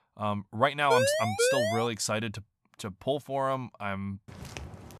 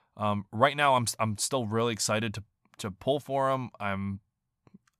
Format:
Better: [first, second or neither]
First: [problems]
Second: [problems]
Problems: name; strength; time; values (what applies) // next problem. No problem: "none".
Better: second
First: siren; loud; at 1 s; peak 4 dB above the speech // footsteps; faint; at 4.5 s; peak 10 dB below the speech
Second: none